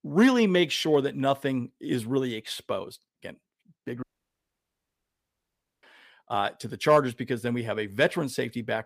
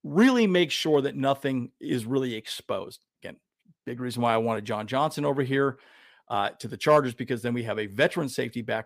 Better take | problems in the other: second | audio cutting out; at 4 s for 2 s

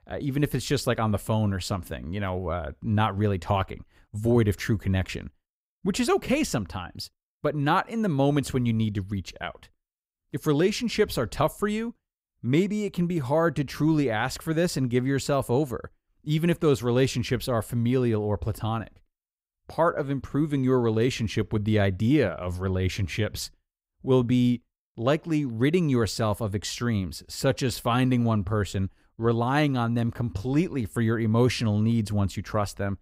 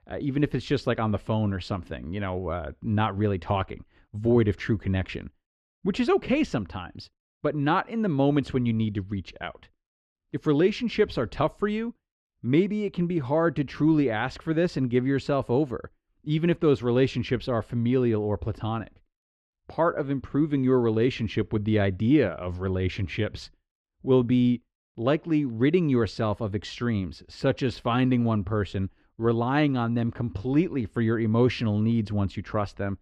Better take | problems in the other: first | muffled; very slightly; fading above 3 kHz

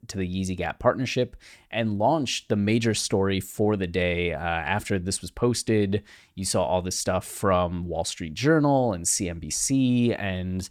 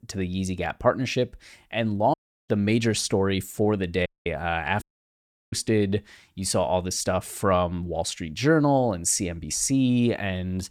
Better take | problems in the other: first | audio cutting out; at 2 s, at 4 s and at 5 s for 0.5 s

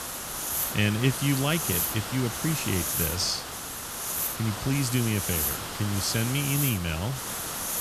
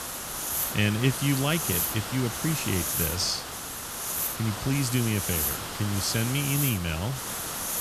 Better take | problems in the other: neither | hiss; loud; throughout; 2 dB below the speech; the same in both

